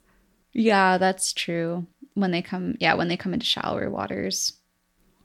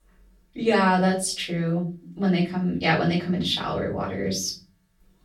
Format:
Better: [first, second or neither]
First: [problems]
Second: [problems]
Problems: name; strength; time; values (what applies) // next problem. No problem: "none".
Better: first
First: none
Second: off-mic speech; far // room echo; slight; dies away in 0.5 s